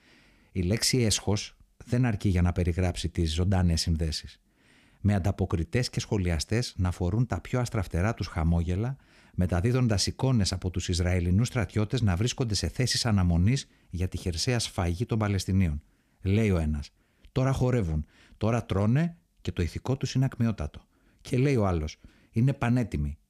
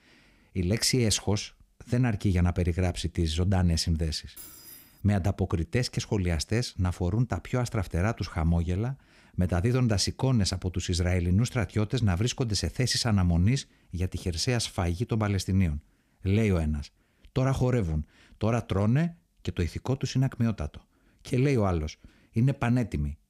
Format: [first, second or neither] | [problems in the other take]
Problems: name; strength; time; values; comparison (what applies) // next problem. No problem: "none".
first | jangling keys; faint; at 4.5 s; peak 15 dB below the speech